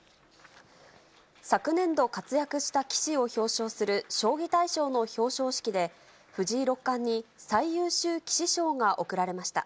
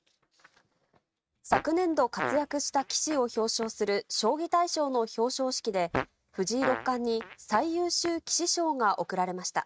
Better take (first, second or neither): first